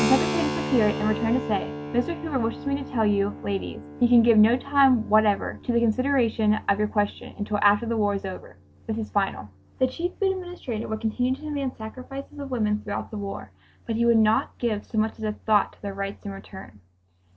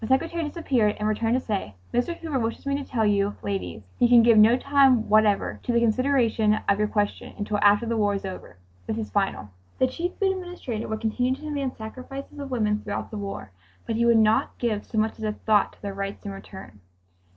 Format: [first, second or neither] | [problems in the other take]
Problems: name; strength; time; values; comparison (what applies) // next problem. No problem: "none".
second | background sound (Keyboard (musical)); 12 dB below the speech